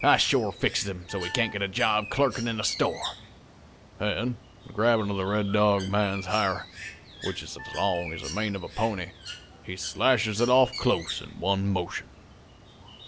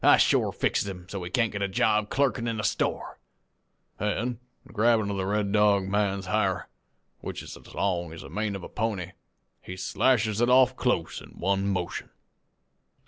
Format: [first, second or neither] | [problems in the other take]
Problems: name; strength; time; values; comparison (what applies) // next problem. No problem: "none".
second | background sound (Wind instrument, woodwind instrument + Bird); 14 dB below the speech